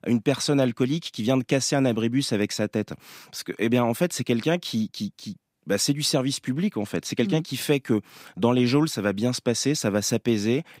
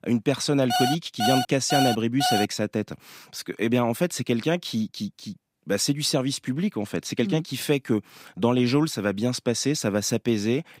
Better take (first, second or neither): first